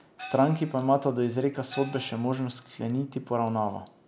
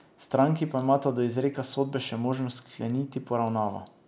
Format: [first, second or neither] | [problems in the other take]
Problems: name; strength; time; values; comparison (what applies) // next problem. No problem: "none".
second | background sound (Gong); 19 dB below the speech